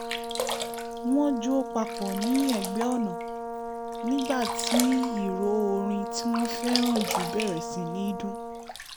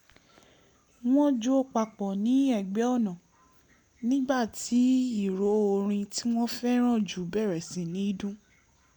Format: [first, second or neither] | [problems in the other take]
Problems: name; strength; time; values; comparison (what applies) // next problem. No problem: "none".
second | background sound (Sink (filling or washing) + Brass instrument); 4 dB below the speech